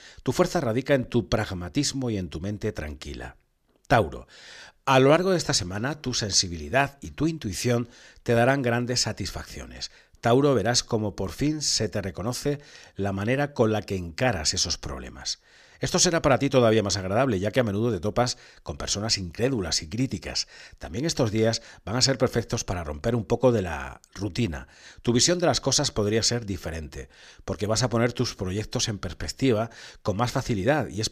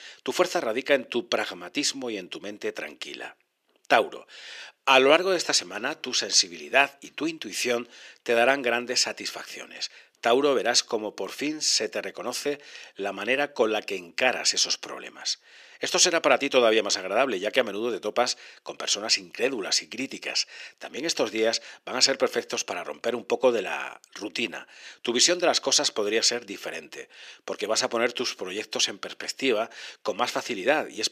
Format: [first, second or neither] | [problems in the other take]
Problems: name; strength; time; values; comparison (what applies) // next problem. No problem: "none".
first | thin; somewhat; fading below 350 Hz